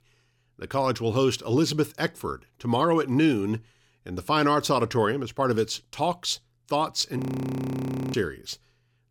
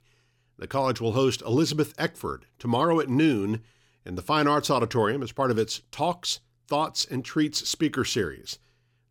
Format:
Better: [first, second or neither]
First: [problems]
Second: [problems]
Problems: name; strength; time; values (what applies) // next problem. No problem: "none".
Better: second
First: audio freezing; at 7 s for 1 s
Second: none